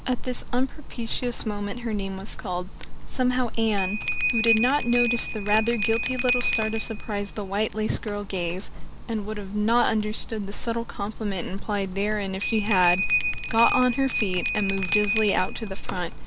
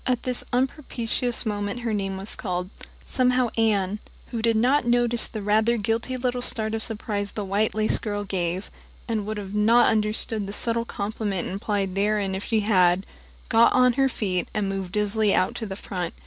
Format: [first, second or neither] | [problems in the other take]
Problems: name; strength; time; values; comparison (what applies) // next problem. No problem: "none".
second | background sound (Bell + Computer keyboard); 1 dB below the speech